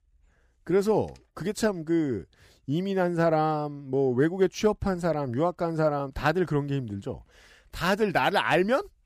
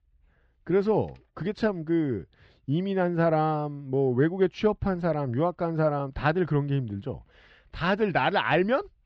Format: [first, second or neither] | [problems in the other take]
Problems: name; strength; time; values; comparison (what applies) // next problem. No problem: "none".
first | muffled; slightly; fading above 4 kHz